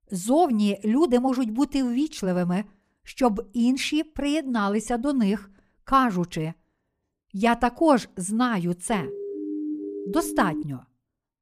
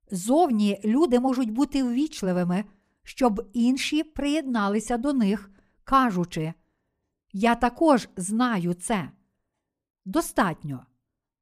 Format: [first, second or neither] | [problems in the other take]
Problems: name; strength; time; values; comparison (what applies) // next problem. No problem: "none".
second | siren; noticeable; from 9 to 11 s; peak 7 dB below the speech